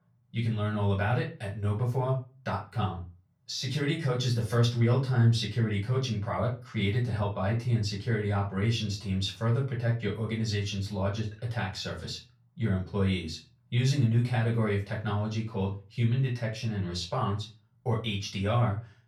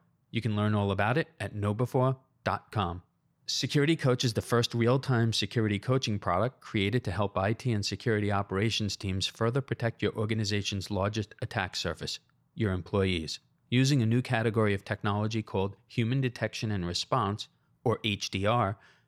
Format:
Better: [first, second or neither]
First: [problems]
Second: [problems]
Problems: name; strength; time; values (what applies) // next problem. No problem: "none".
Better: second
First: off-mic speech; far // room echo; slight; dies away in 0.3 s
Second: none